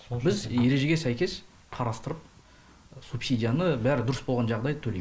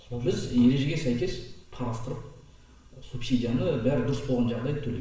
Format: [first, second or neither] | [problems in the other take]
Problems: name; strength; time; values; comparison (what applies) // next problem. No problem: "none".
first | room echo; dies away in 0.7 s